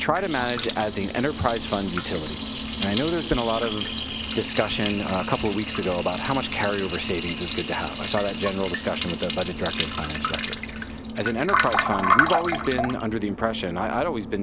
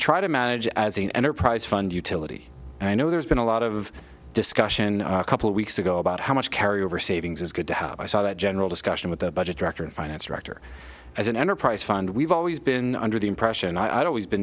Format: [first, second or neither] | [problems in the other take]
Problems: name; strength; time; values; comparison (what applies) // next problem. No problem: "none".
second | background sound (Liquid); 2 dB below the speech